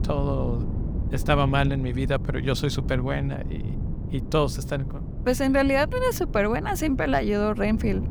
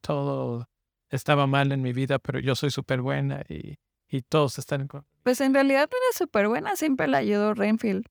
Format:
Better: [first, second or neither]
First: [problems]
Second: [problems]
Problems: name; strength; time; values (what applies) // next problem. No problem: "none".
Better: second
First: wind noise on the microphone; occasional gusts; 15 dB below the speech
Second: none